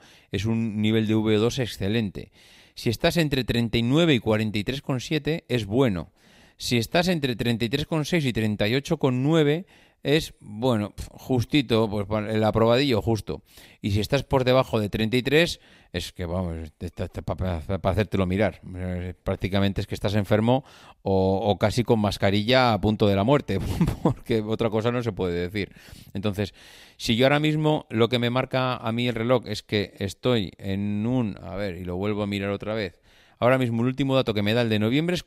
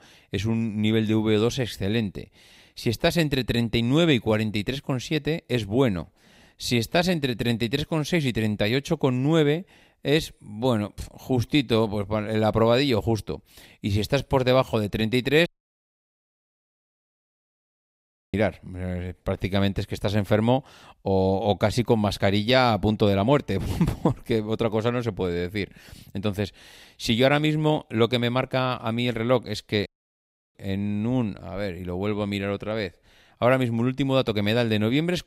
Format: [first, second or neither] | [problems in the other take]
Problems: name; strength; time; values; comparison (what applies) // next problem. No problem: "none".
first | audio cutting out; at 15 s for 3 s and at 30 s for 0.5 s